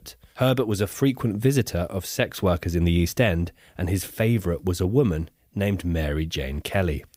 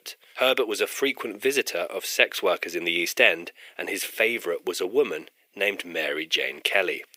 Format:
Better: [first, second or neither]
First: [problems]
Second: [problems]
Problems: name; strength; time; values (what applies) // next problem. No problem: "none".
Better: first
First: none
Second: thin; very; fading below 400 Hz